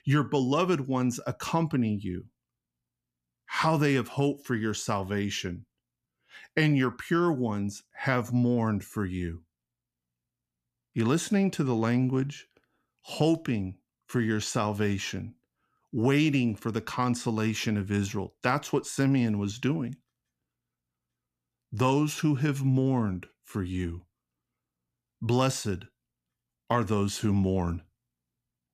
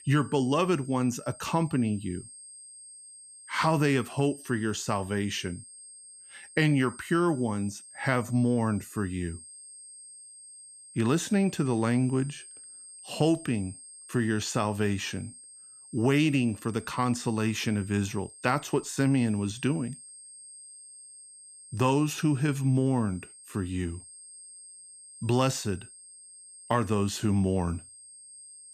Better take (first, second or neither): first